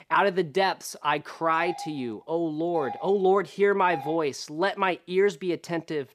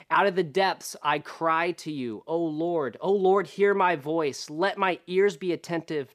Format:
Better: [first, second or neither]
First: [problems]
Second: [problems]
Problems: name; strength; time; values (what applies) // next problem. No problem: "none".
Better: second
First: doorbell; noticeable; from 1.5 to 4 s; peak 9 dB below the speech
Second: none